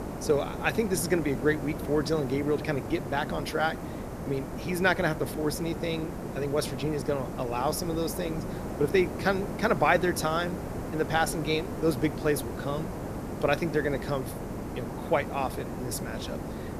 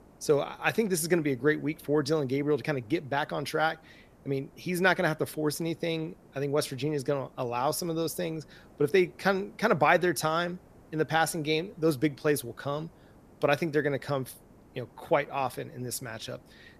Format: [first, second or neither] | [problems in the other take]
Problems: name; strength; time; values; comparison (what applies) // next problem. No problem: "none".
second | hiss; loud; throughout; 7 dB below the speech; faint in the second